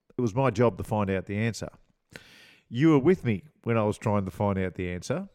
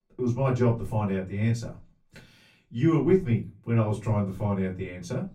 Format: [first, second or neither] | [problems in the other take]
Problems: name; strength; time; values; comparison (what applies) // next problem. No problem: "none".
first | off-mic speech; far // room echo; very slight; dies away in 0.2 s